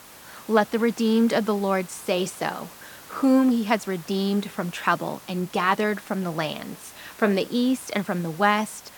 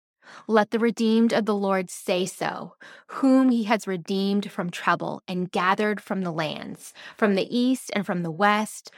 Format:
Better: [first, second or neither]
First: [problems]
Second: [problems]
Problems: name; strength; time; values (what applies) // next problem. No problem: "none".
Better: second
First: hiss; noticeable; throughout; 20 dB below the speech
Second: none